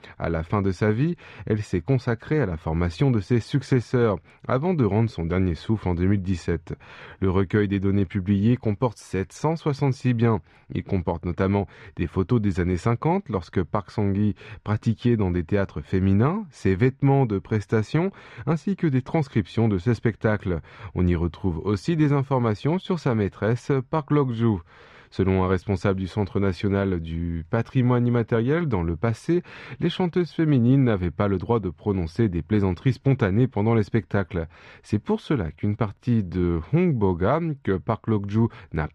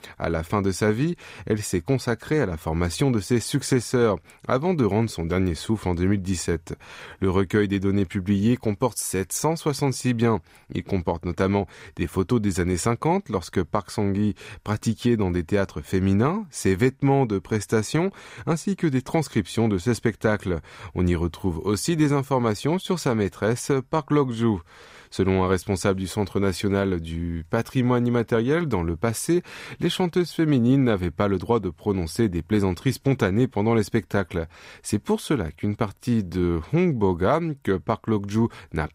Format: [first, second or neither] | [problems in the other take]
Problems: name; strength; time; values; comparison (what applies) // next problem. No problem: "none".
second | muffled; slightly; fading above 3.5 kHz